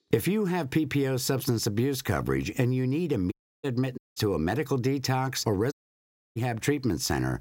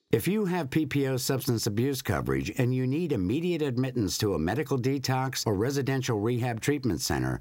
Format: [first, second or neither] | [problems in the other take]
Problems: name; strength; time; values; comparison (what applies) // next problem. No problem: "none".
second | audio cutting out; at 3.5 s, at 4 s and at 5.5 s for 0.5 s